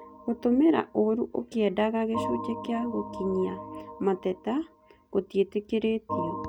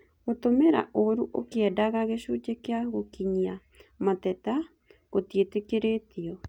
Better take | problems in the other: second | background sound (Organ); 11 dB below the speech

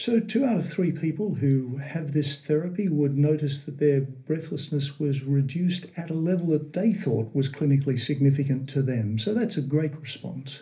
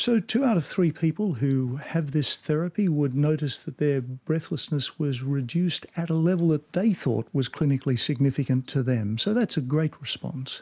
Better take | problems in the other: second | room echo; dies away in 0.3 s

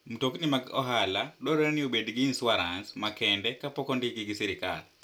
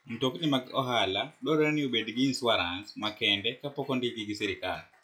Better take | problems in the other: first | noise reduction (classical method log-MMSE)

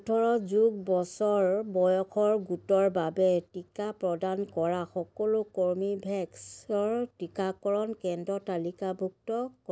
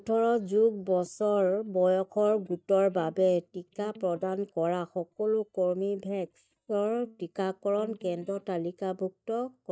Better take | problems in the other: first | noise reduction (neural mask model DeepFilterNet 3)

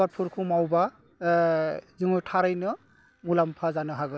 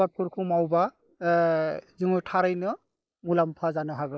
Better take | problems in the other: first | noise reduction (neural mask model Resemble Enhance denoiser)

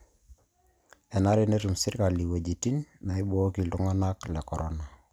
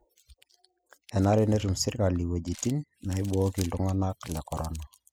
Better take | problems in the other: first | noise reduction (classical method spectral subtraction)

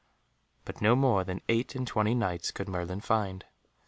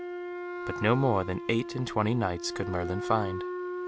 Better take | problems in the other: first | background sound (Wind instrument, woodwind instrument); 6 dB below the speech

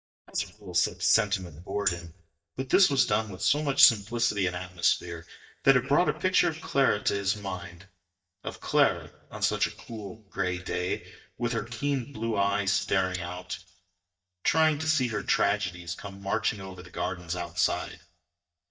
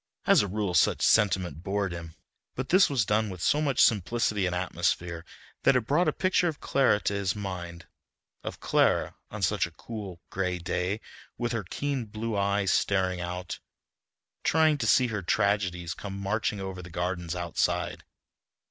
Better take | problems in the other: second | noise reduction (neural mask model DeepFilterNet 3)

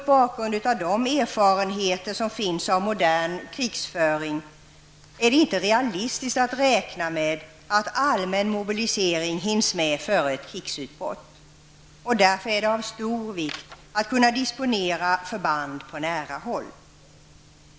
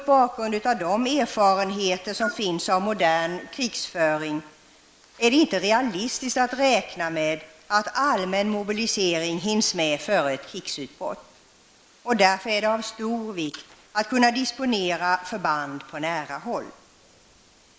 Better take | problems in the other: first | noise reduction (neural mask model Resemble Enhance denoiser)

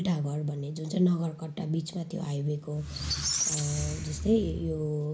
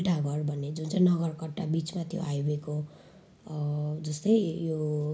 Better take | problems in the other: second | background sound (Squeak); 3 dB below the speech

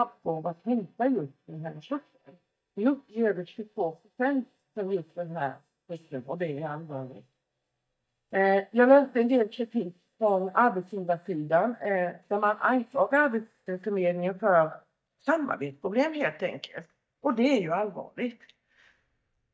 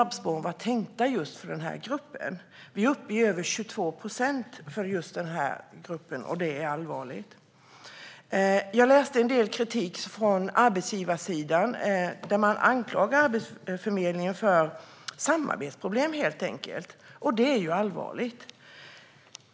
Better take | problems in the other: second | noise reduction (neural mask model DeepFilterNet 3)

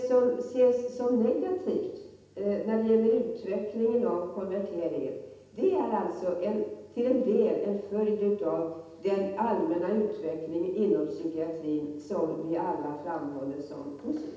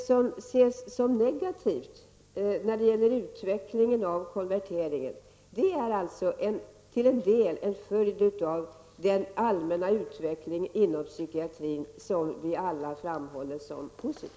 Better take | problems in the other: second | room echo; dies away in 0.8 s

